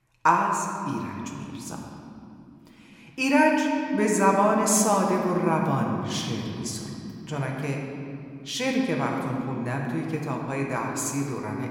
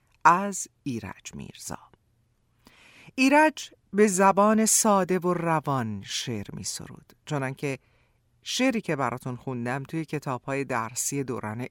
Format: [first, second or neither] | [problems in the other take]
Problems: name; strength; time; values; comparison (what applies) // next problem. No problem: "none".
second | room echo; noticeable; dies away in 2.6 s // off-mic speech; somewhat distant